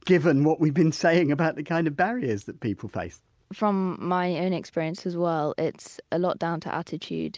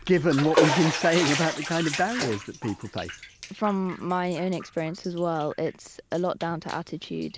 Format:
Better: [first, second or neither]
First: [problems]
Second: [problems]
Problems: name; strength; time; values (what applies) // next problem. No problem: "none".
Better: first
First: none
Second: background sound (Bathtub (filling or washing)); 5 dB below the speech